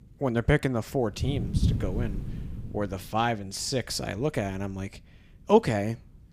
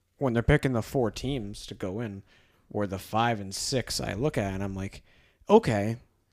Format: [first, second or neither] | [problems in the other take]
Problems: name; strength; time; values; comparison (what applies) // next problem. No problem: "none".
second | wind noise on the microphone; occasional gusts; 15 dB below the speech